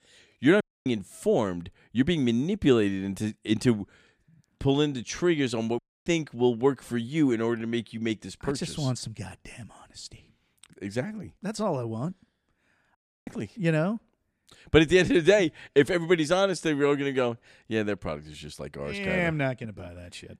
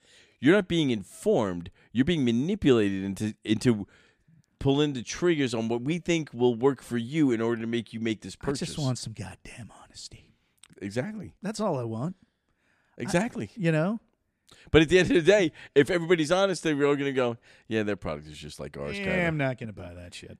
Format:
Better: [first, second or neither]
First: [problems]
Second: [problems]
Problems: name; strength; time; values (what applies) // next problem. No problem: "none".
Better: second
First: audio cutting out; at 0.5 s, at 6 s and at 13 s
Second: none